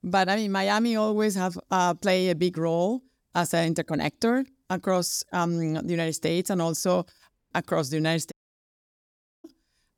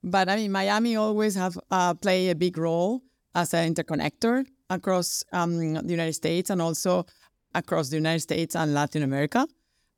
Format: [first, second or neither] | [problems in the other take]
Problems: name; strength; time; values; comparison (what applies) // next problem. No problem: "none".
second | audio cutting out; at 8.5 s for 1 s